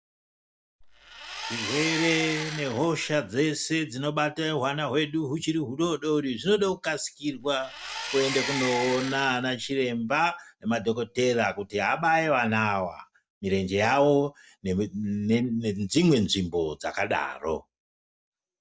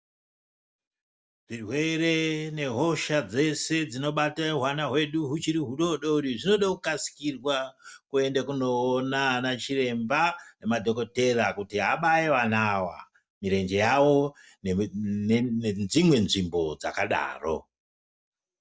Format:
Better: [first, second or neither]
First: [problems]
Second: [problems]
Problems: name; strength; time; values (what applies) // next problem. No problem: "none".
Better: second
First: background sound (Engine); 7 dB below the speech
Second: none